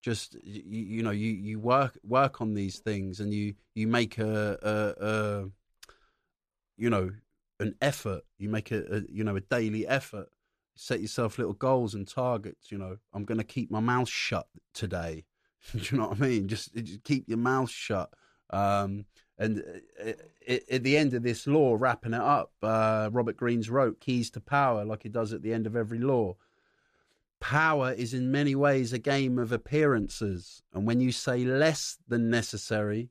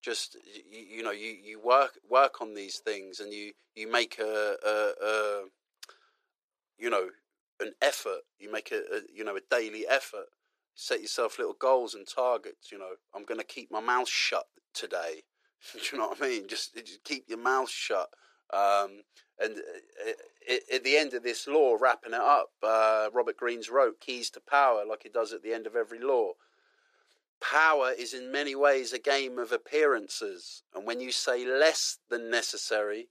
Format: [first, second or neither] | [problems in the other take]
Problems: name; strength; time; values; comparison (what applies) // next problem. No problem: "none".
first | thin; very; fading below 400 Hz